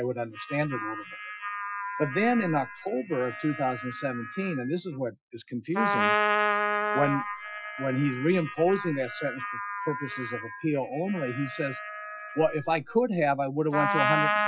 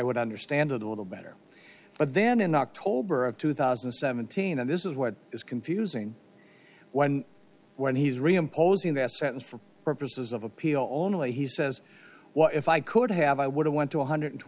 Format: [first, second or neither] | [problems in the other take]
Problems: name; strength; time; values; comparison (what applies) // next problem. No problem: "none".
second | noise reduction (classical method Wiener filter)